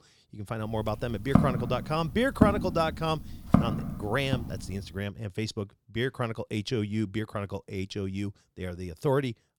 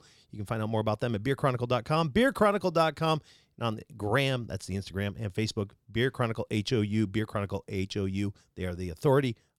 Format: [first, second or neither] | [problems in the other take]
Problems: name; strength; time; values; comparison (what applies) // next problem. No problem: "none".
second | footsteps; loud; from 1.5 to 4.5 s; peak 6 dB above the speech